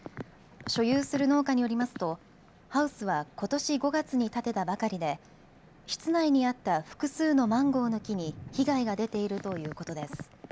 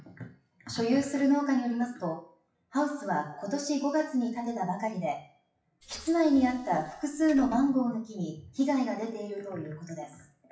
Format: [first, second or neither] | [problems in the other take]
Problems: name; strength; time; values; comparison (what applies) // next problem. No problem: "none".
first | noise reduction (classical method WPE with log-MMSE)